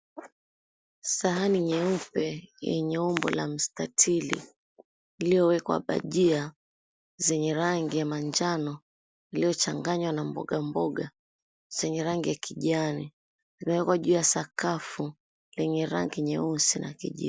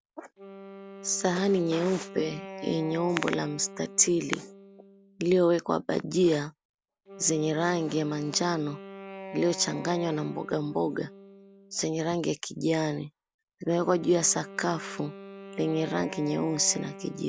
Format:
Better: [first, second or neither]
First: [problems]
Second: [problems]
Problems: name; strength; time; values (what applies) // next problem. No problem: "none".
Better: first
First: none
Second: background sound (Wind instrument, woodwind instrument); 16 dB below the speech